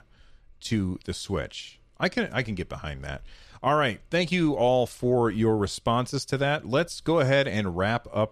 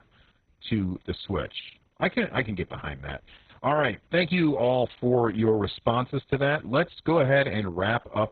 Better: first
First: none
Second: garbled, watery; badly; nothing above 4 kHz

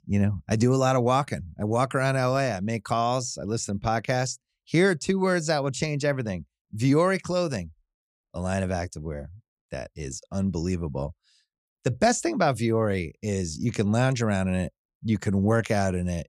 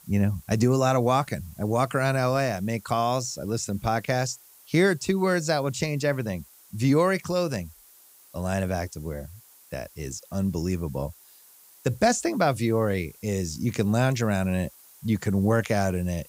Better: first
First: none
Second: hiss; faint; throughout; 25 dB below the speech

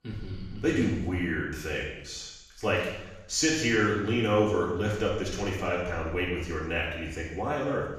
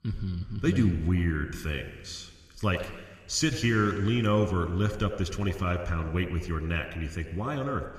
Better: second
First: room echo; strong; dies away in 0.9 s // off-mic speech; far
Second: room echo; slight; dies away in 2 s

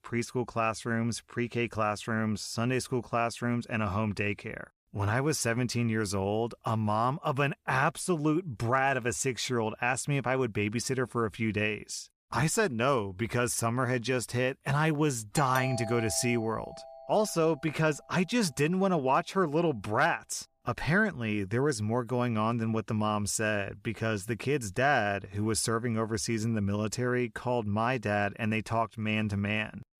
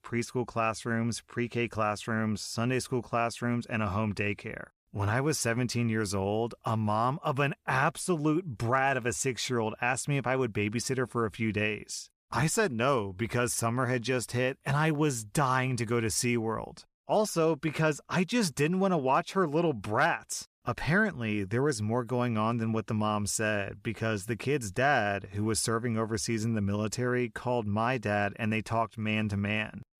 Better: second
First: doorbell; noticeable; from 15 to 17 s; peak 7 dB below the speech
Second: none

